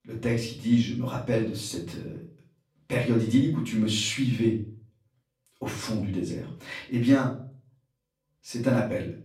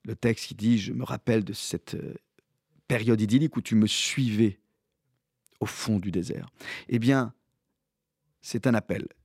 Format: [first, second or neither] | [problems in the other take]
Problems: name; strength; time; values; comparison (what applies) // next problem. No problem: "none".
second | off-mic speech; far // room echo; slight; dies away in 0.4 s